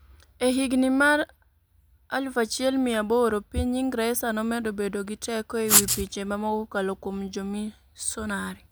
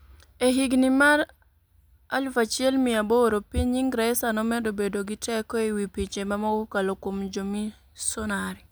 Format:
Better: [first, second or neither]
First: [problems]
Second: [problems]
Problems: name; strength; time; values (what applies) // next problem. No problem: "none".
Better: second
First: background sound (Writing); 4 dB above the speech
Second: none